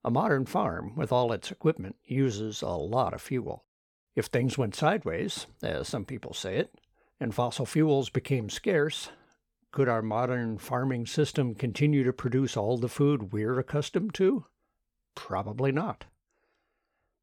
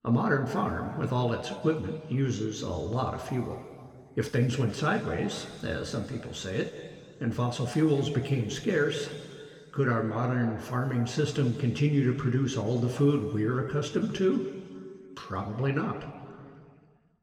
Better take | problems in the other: first | room echo; noticeable; dies away in 2.2 s // off-mic speech; somewhat distant

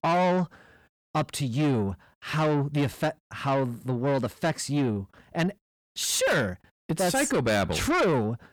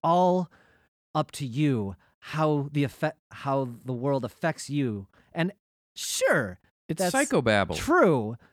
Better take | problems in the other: second | distortion; heavy; 7 dB below the speech

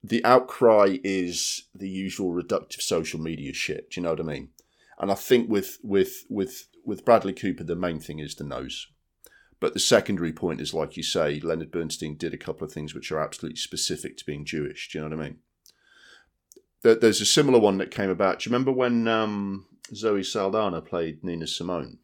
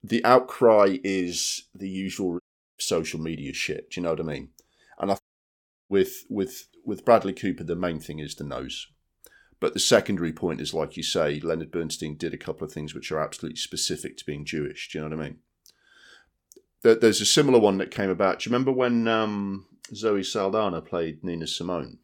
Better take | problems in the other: first | audio cutting out; at 2.5 s and at 5 s for 0.5 s

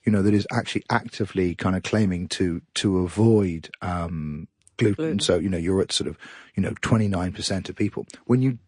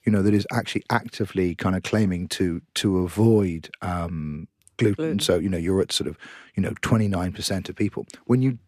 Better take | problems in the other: second | garbled, watery; slightly

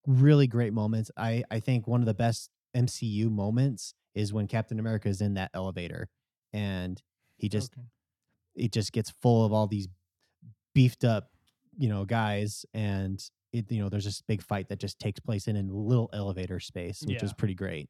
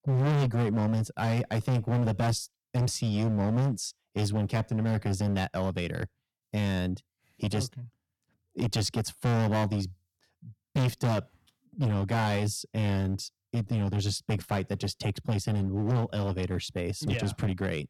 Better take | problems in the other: first | distortion; heavy; 16% of the sound clipped

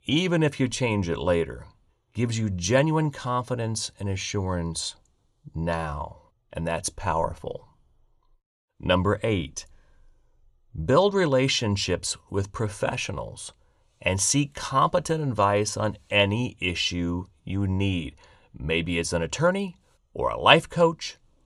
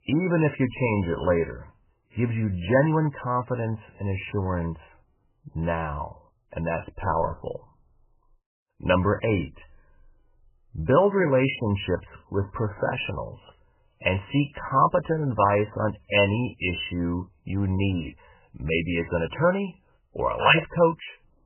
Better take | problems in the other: first | garbled, watery; badly; nothing above 3 kHz

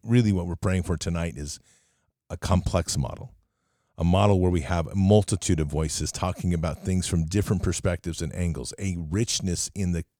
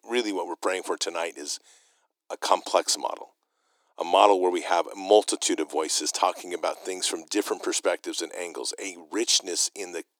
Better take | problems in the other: first | thin; very; fading below 300 Hz

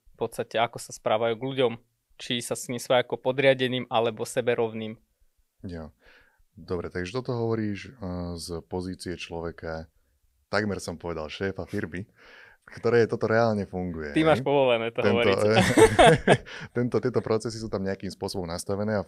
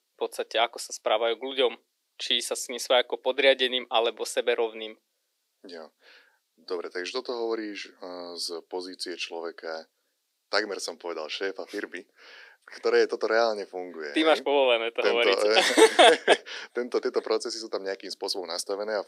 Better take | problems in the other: first | thin; somewhat; fading below 300 Hz

